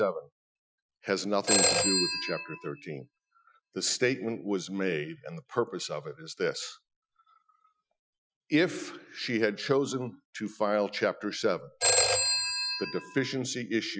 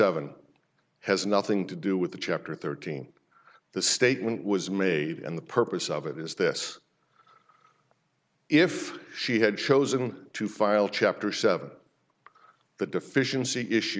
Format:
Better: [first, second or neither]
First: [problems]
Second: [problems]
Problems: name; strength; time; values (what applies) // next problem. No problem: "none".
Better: second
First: noise reduction (classical method Wiener filter)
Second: none